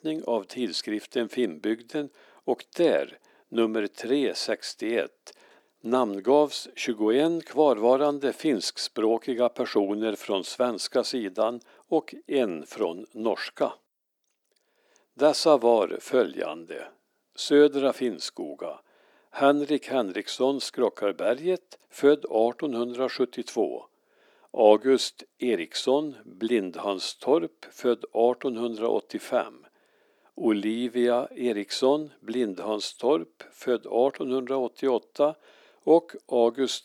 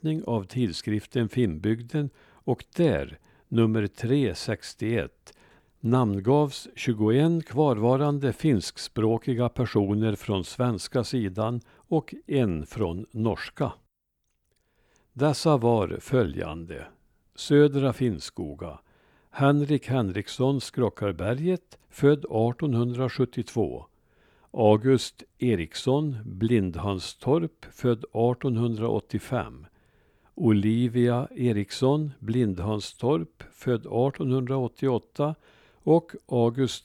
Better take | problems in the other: second | thin; somewhat; fading below 250 Hz

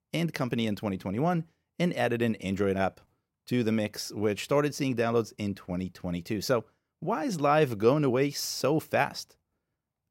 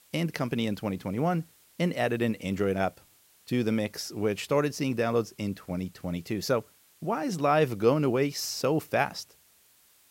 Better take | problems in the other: first | hiss; faint; throughout; 30 dB below the speech

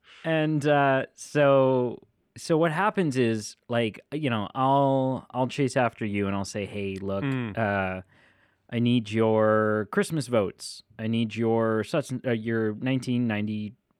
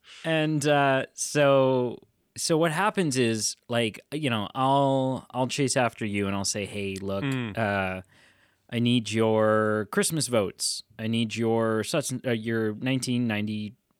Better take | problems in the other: second | muffled; slightly; fading above 3.5 kHz

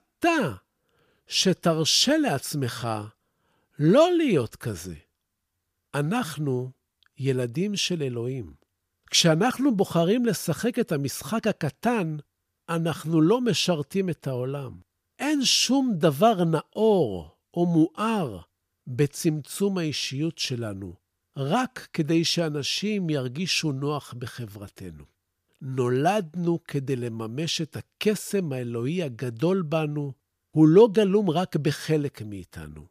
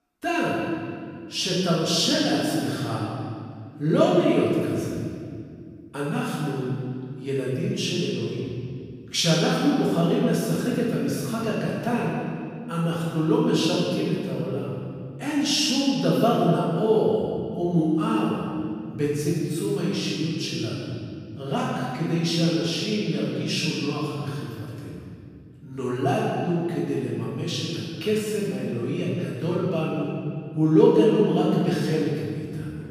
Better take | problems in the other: first | room echo; strong; dies away in 2 s // off-mic speech; far

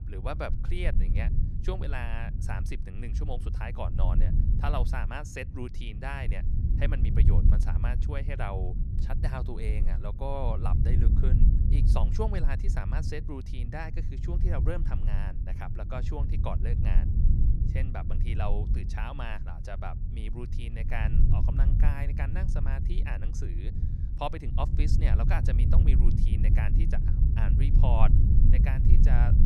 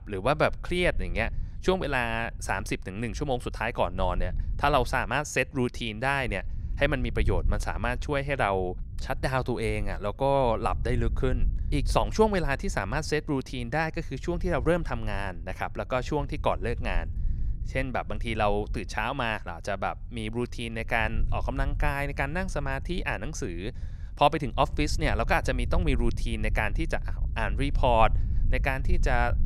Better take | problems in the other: second | low rumble; loud; throughout; 5 dB below the speech; faint in the second

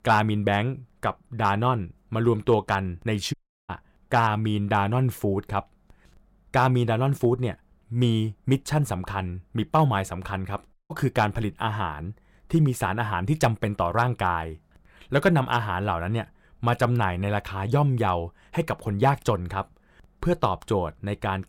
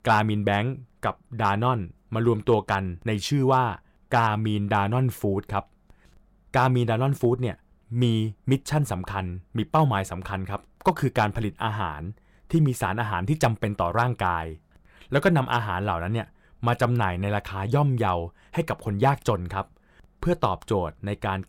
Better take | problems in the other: second | audio cutting out; at 3.5 s and at 11 s

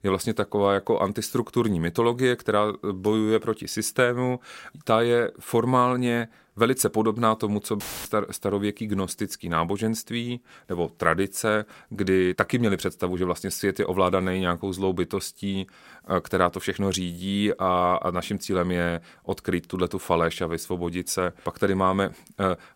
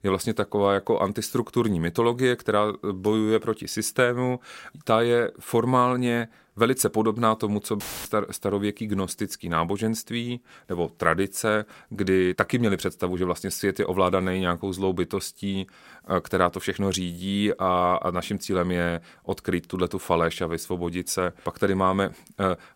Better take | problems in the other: neither | audio cutting out; filled with static; at 8 s; the same in both

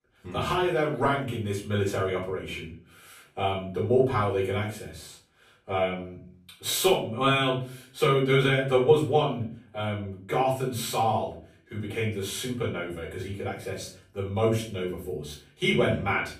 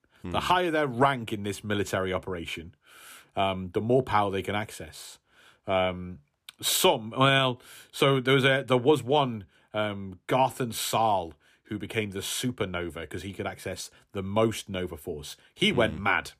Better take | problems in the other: second | room echo; slight; dies away in 0.4 s // off-mic speech; far

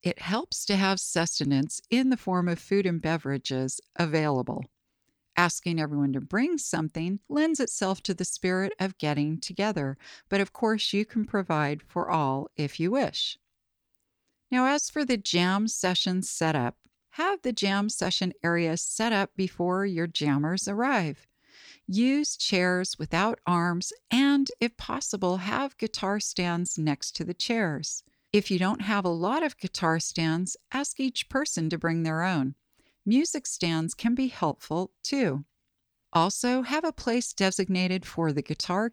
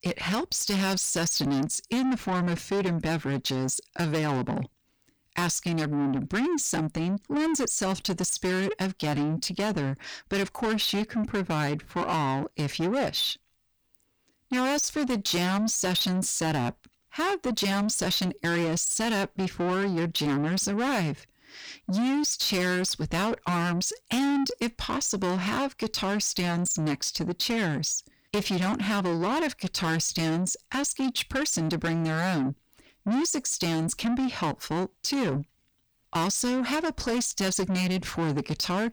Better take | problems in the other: first | distortion; heavy; 7 dB below the speech

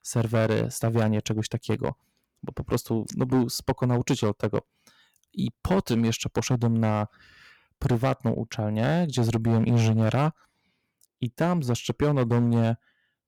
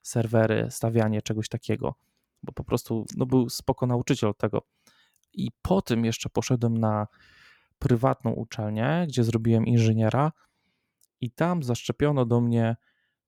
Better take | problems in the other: second | distortion; slight; 6% of the sound clipped

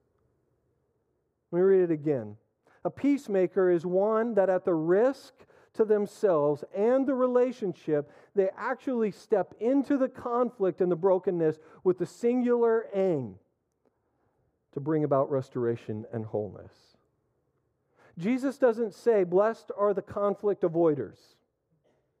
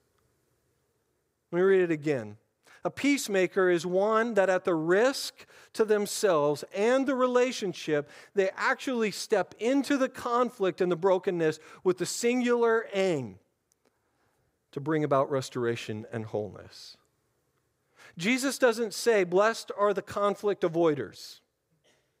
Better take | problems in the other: second | muffled; very; fading above 1.5 kHz

